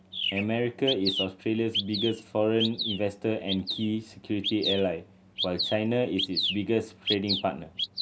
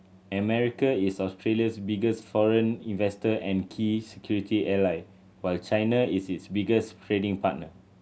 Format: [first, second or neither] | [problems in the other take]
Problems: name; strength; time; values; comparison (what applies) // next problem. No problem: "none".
second | background sound (Bird vocalization, bird call, bird song); 5 dB below the speech